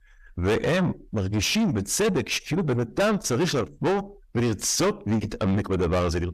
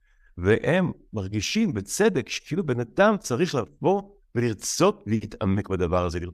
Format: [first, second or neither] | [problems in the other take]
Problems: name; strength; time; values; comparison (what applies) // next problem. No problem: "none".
second | distortion; heavy; 6 dB below the speech